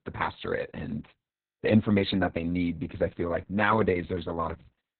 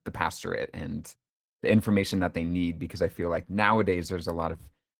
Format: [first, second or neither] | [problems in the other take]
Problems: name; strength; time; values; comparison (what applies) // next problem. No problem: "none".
second | garbled, watery; badly; nothing above 4 kHz; slightly in the second